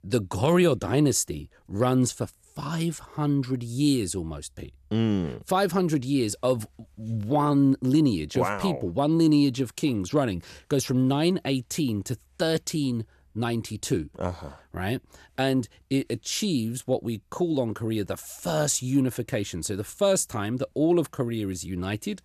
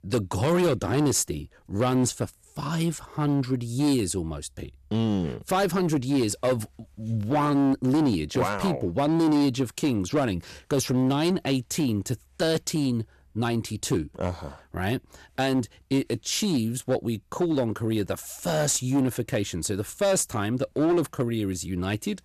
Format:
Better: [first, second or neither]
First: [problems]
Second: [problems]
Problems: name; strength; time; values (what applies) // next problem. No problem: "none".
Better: first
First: none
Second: distortion; slight; 9% of the sound clipped